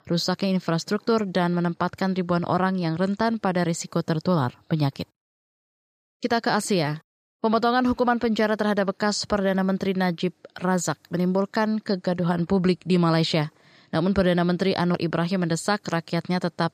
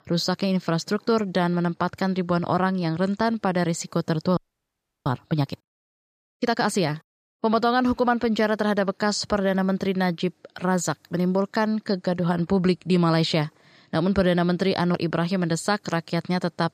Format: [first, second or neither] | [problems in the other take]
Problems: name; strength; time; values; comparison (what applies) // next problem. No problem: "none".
first | audio freezing; at 4.5 s for 0.5 s